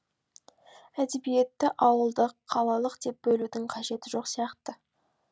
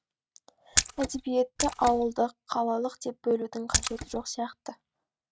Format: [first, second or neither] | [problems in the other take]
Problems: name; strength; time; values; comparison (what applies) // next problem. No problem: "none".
first | noise reduction (neural mask model RNNoise)